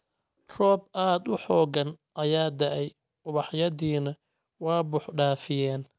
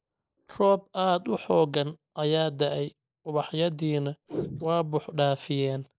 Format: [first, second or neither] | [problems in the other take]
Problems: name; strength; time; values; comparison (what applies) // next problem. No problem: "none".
first | noise reduction (neural mask model Resemble Enhance denoiser)